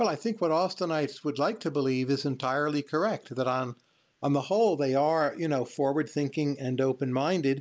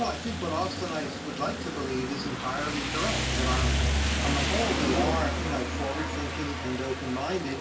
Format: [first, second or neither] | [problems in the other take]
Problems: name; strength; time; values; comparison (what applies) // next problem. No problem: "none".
first | background sound (Rain); 3 dB above the speech // room echo; dies away in 0.3 s